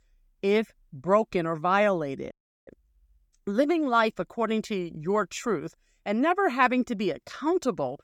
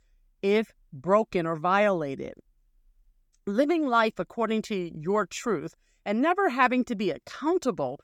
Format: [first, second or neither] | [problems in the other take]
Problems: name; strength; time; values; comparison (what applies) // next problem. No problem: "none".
second | audio freezing; at 2.5 s